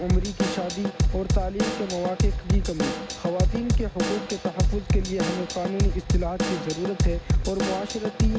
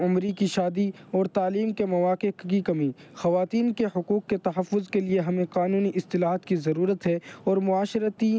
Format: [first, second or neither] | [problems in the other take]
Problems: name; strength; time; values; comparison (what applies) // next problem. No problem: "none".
second | background sound (Drum / Drum kit); 5 dB above the speech